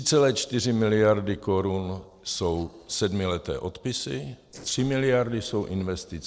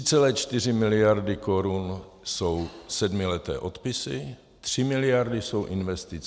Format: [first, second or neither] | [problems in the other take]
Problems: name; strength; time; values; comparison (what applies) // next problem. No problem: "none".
second | noise reduction (neural separator model SepFormer DNS4)